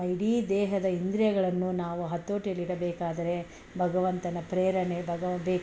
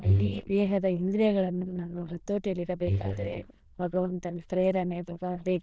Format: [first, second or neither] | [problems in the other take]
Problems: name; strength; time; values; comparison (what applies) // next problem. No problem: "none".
first | noise reduction (neural diffusion model UNIVERSE++)